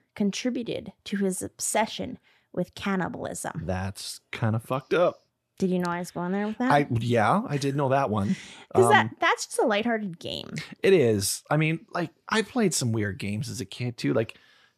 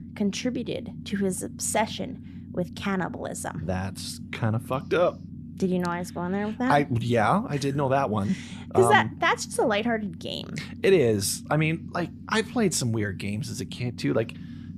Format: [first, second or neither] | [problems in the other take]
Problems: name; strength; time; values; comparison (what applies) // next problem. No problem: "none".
first | low rumble; faint; throughout; 20 dB below the speech